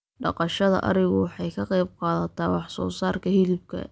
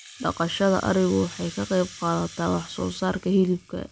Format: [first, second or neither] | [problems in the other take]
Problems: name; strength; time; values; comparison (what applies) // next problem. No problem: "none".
first | background sound (Rattle (instrument)); 19 dB below the speech